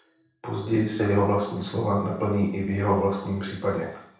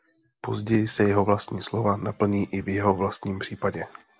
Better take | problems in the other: second | room echo; dies away in 0.7 s

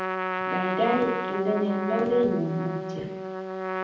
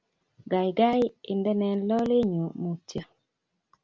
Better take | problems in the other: second | background sound (Trumpet); 3 dB below the speech // room echo; dies away in 0.6 s

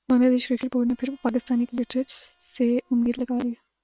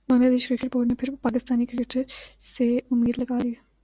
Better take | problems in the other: second | noise reduction (neural separator model SepFormer WHAM!)

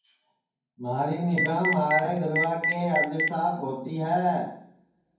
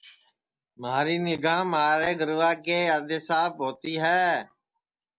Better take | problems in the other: second | background sound (Telephone); 1 dB below the speech // room echo; dies away in 0.9 s

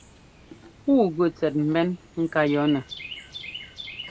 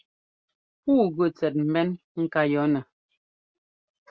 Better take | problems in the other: second | background sound (Chirp, tweet); 16 dB below the speech

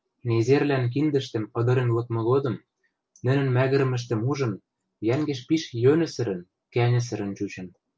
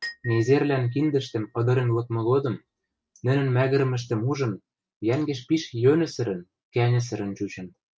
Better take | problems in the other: first | noise reduction (neural mask model RNNoise)

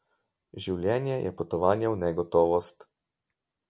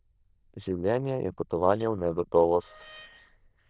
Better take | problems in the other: first | noise reduction (neural diffusion model UNIVERSE++)

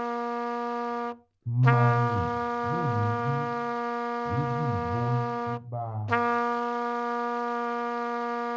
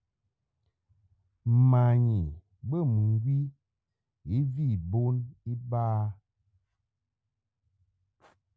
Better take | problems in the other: second | background sound (Trumpet); 2 dB above the speech // room echo; dies away in 0.8 s

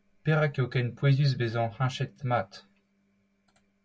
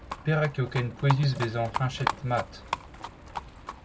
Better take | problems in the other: first | background sound (Livestock, farm animals, working animals); 7 dB below the speech

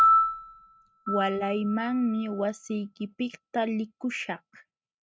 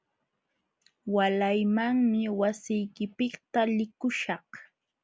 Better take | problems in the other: second | noise reduction (neural mask model RNNoise)

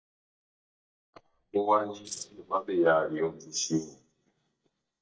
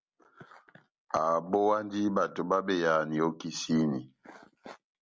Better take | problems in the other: second | noise reduction (neural mask model DeepFilterNet 3)

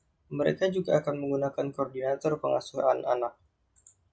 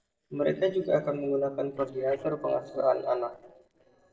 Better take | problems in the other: first | noise reduction (neural separator model SepFormer DNS4)

